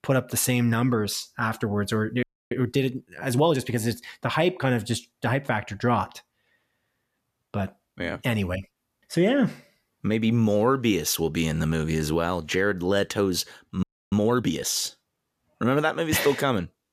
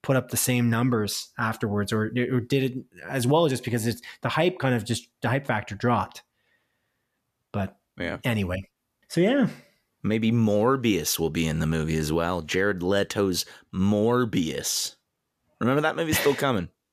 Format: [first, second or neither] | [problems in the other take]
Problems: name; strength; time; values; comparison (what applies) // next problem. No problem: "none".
second | audio freezing; at 2 s and at 14 s